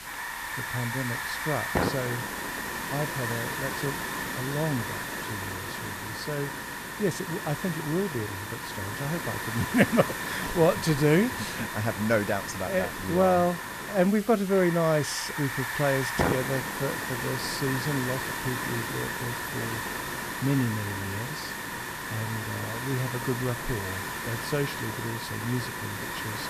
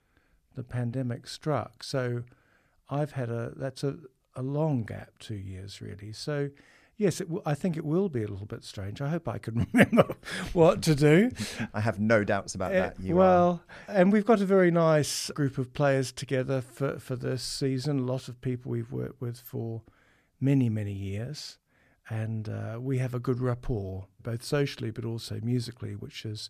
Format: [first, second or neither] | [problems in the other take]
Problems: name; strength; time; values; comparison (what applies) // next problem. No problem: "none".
second | hiss; loud; throughout; 3 dB below the speech